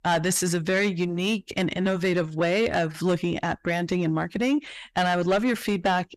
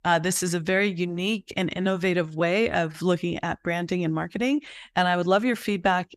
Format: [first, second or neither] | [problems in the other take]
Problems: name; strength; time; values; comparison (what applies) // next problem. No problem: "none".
second | distortion; slight; 10 dB below the speech